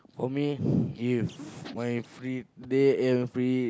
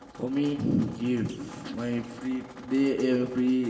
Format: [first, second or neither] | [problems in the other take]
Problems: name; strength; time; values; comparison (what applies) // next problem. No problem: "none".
first | background sound (Drip); 19 dB below the speech // room echo; dies away in 2.7 s